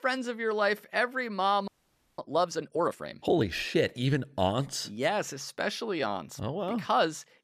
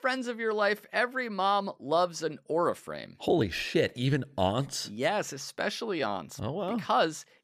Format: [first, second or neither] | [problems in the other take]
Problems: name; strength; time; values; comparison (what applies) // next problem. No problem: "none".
second | audio freezing; at 1.5 s for 0.5 s